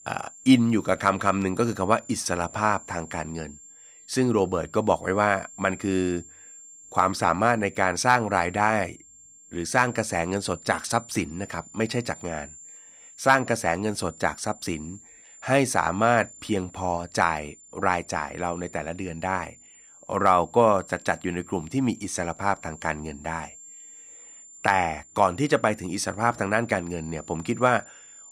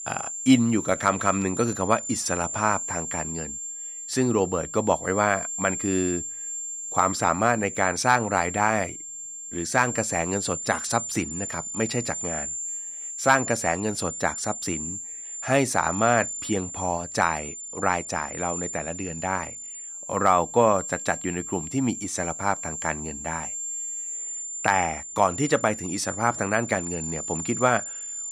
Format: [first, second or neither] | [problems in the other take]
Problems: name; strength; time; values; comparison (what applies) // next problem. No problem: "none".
first | high-pitched whine; loud; throughout; 7.5 kHz, 6 dB below the speech; faint in the first